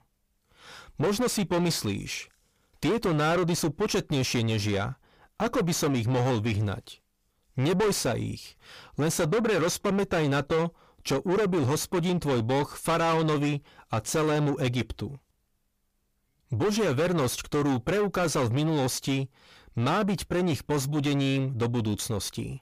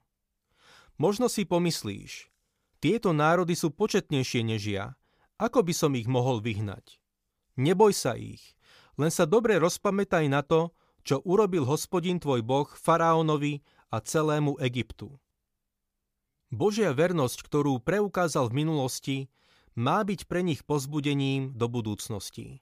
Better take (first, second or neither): second